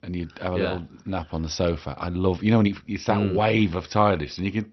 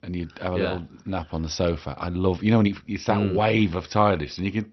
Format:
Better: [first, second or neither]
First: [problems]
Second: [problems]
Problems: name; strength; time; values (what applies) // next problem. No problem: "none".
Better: neither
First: garbled, watery; slightly; nothing above 6 kHz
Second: garbled, watery; slightly; nothing above 6 kHz